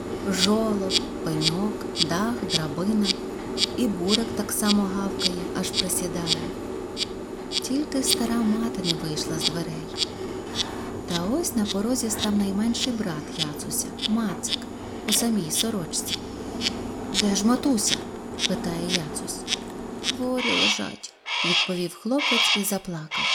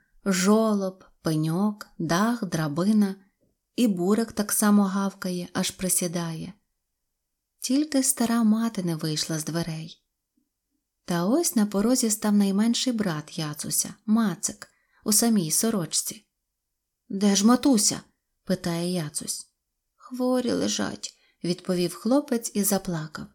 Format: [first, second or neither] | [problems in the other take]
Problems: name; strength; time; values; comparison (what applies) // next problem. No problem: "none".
second | animal sounds; very loud; throughout; as loud as the speech